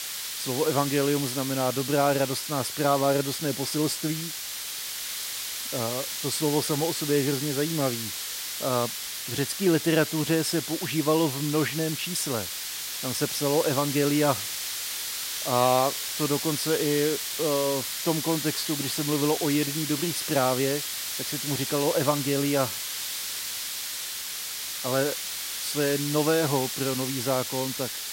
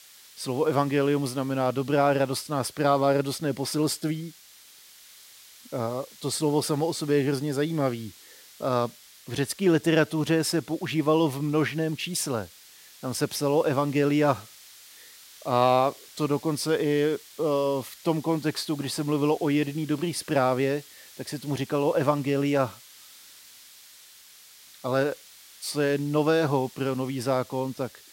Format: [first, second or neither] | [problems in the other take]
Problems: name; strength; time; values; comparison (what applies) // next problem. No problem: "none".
second | hiss; loud; throughout; 3 dB below the speech; faint in the second